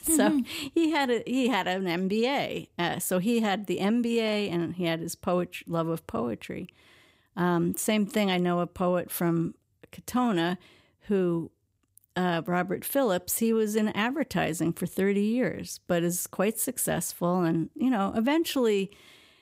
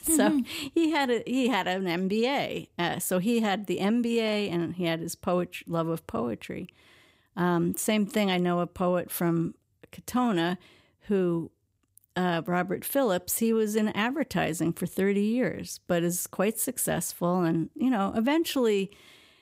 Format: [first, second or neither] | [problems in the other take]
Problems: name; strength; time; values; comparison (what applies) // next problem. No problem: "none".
neither | none